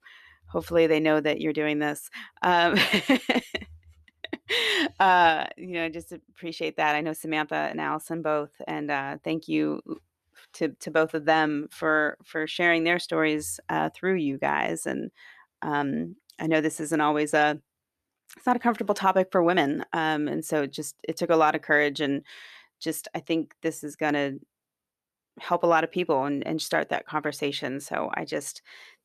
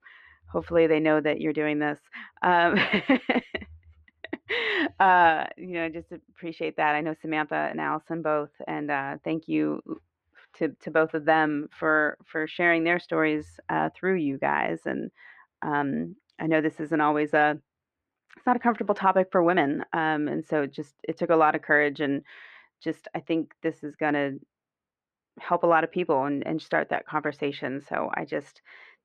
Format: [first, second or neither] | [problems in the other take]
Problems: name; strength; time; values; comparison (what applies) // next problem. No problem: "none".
first | muffled; slightly; fading above 2 kHz